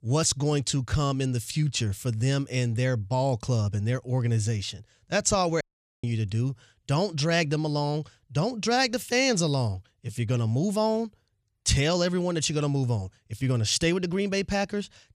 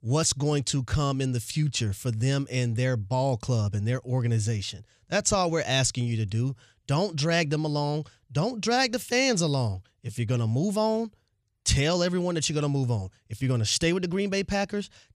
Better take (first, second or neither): second